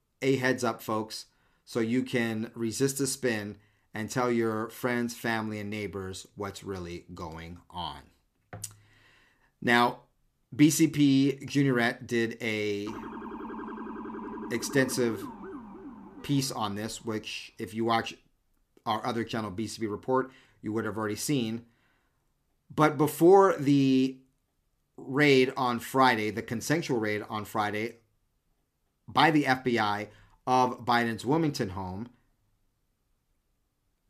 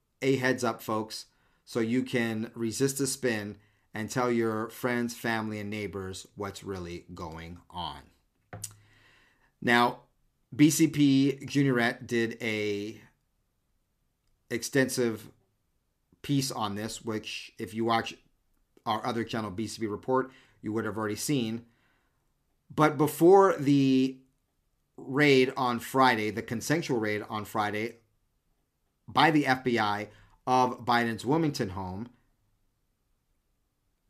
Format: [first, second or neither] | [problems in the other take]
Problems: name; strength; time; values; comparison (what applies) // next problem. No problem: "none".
second | siren; faint; from 13 to 17 s; peak 10 dB below the speech